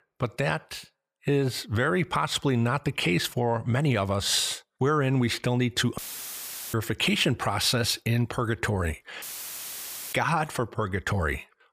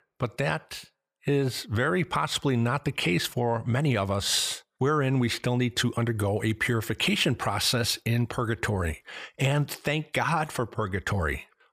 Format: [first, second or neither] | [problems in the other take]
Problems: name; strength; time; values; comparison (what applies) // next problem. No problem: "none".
second | audio cutting out; filled with static; at 6 s for 1 s and at 9 s for 1 s